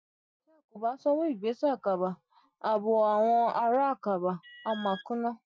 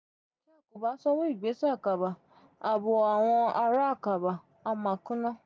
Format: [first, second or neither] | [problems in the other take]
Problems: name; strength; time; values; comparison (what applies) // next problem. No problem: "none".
second | noise reduction (classical method Wiener filter)